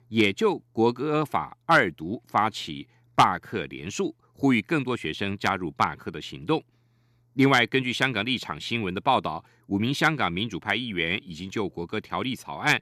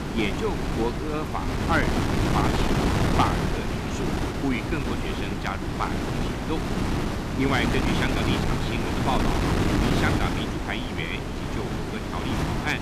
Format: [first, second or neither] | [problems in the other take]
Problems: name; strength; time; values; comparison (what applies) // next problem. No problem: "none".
first | wind noise on the microphone; heavy; 1 dB above the speech